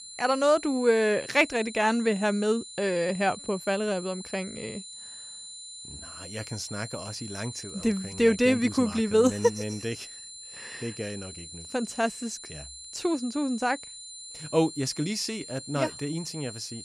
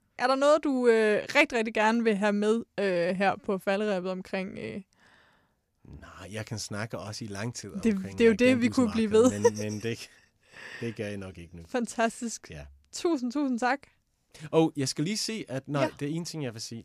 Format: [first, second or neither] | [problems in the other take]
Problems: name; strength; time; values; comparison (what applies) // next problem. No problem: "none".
second | high-pitched whine; noticeable; throughout; 4 kHz, 15 dB below the speech